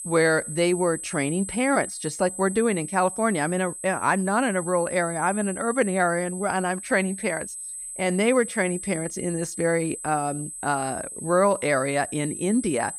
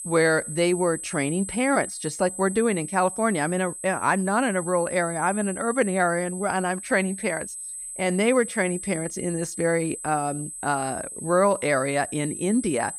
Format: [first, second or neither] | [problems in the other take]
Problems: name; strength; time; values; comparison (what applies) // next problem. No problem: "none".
neither | high-pitched whine; loud; throughout; 8 kHz, 9 dB below the speech; the same in both